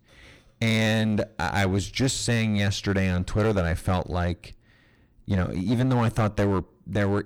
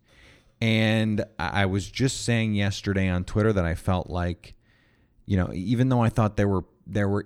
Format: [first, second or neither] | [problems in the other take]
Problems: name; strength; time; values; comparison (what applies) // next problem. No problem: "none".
second | distortion; heavy; 10% of the sound clipped